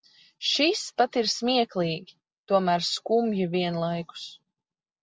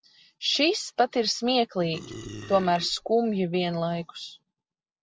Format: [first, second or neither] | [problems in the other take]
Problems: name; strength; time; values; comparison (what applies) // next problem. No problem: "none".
first | background sound (Burping, eructation); 13 dB below the speech